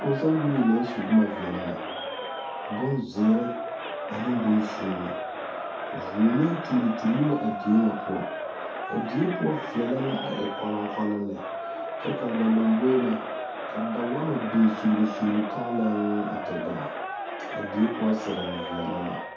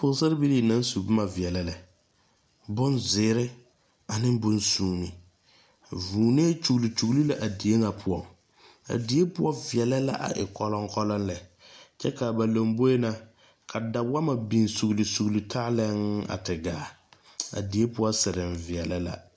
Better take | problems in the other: second | background sound (Crowd); 7 dB below the speech // room echo; dies away in 0.5 s

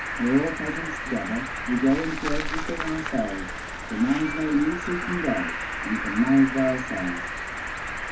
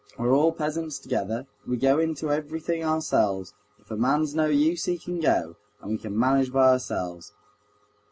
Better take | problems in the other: second | background sound (Cricket); 5 dB below the speech // room echo; dies away in 0.3 s

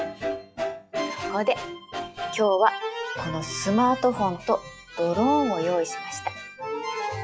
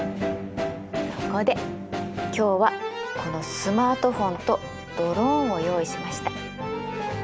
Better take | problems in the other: second | noise reduction (classical method log-MMSE)

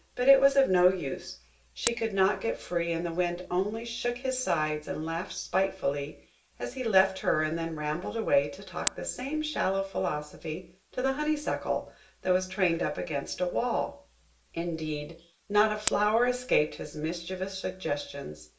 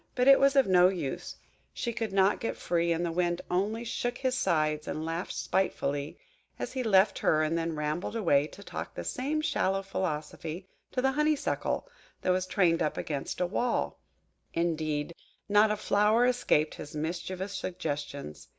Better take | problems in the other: second | background sound (Camera); 17 dB below the speech // room echo; dies away in 0.3 s

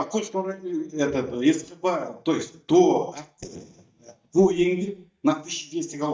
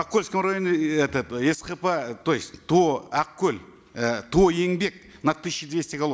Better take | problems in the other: second | noise reduction (neural mask model DeepFilterNet 3)

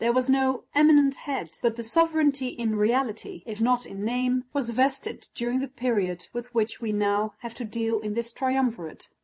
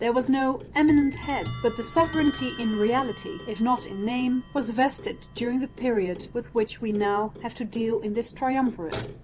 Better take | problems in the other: first | background sound (Clock); 14 dB below the speech

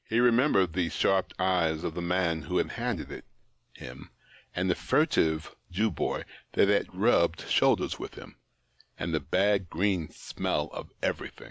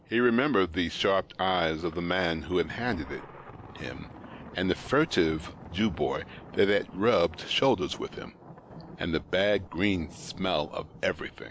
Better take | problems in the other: first | background sound (Thunder); 18 dB below the speech

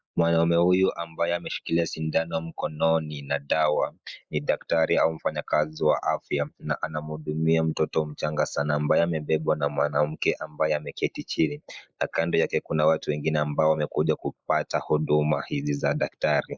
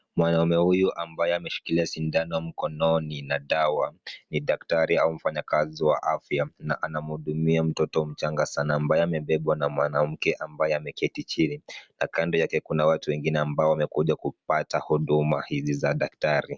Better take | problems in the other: second | noise reduction (neural mask model Resemble Enhance denoiser)

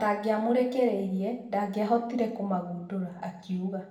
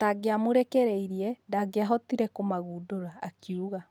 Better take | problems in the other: second | room echo; dies away in 0.6 s

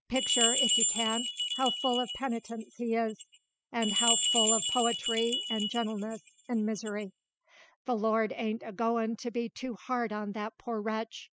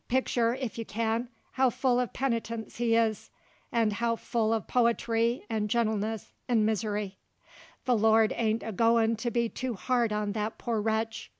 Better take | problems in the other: second | noise reduction (classical method spectral subtraction)

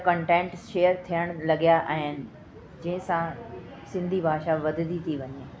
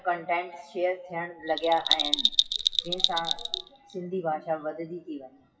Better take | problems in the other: first | noise reduction (classical method WPE with log-MMSE)

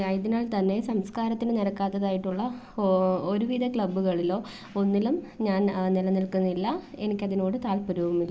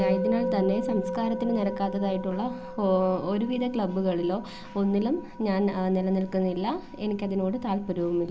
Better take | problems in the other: first | background sound (Musical instrument); 8 dB below the speech

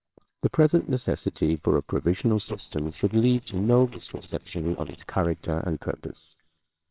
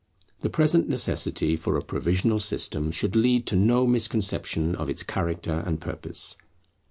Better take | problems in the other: second | noise reduction (neural separator model SepFormer WHAMR!)

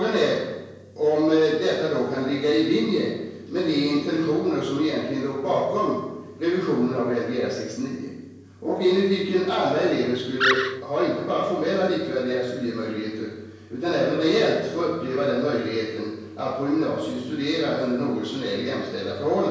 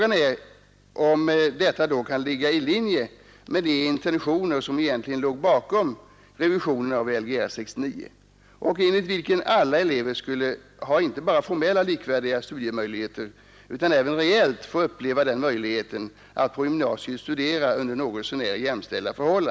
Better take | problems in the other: second | background sound (Animal); 2 dB below the speech // room echo; dies away in 1 s

